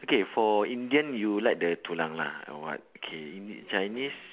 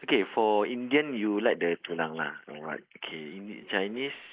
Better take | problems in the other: first | noise reduction (neural mask model Resemble Enhance denoiser)

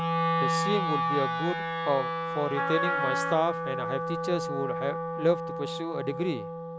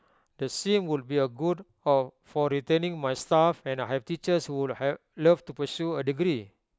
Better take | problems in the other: second | background sound (Wind instrument, woodwind instrument + Wind instrument, woodwind instrument); 1 dB above the speech

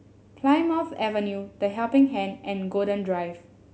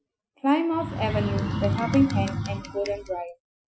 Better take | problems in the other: first | noise reduction (classical method Wiener filter)

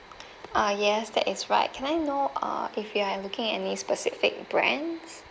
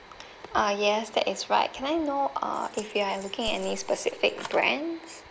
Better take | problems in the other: first | background sound (Keys jangling); 14 dB below the speech

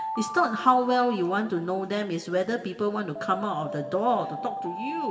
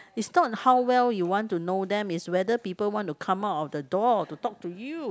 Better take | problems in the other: second | background sound (Alarm); 10 dB below the speech // room echo; dies away in 1.7 s

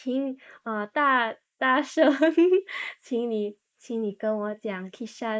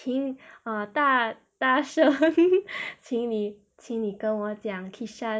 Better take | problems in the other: second | noise reduction (neural mask model Resemble Enhance denoiser)

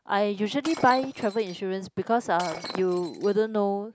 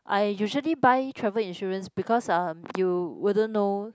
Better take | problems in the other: second | background sound (Shatter); 15 dB below the speech

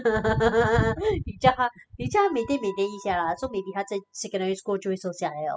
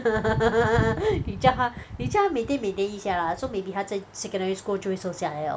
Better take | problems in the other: second | noise reduction (classical method spectral subtraction)

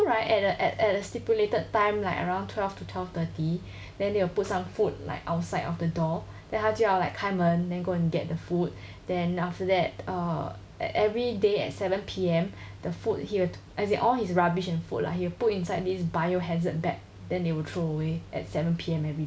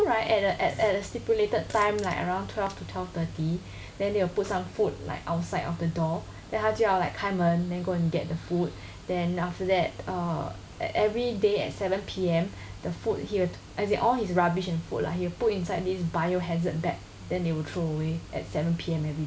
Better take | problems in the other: first | background sound (Water + Fart); 19 dB below the speech

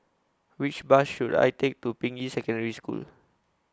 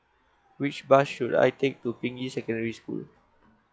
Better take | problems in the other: first | noise reduction (classical method log-MMSE)

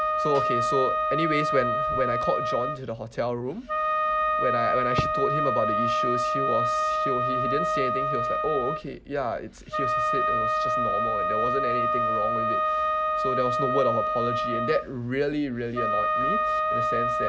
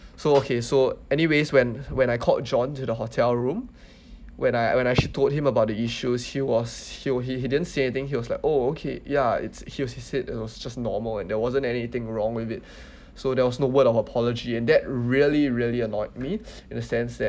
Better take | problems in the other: second | background sound (Wind instrument, woodwind instrument); 4 dB above the speech

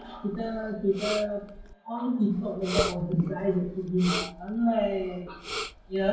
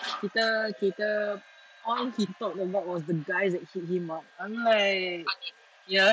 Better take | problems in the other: second | background sound (Respiratory sounds); 9 dB below the speech // room echo; dies away in 0.9 s

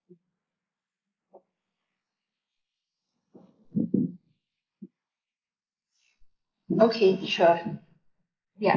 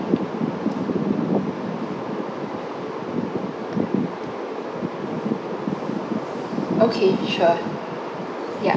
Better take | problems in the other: second | noise reduction (neural mask model Resemble Enhance denoiser)

